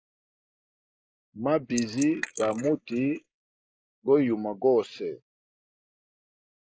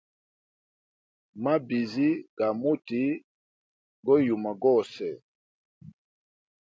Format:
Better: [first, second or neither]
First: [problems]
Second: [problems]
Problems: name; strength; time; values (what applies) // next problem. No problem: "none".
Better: second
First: noise reduction (neural mask model Resemble Enhance denoiser)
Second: none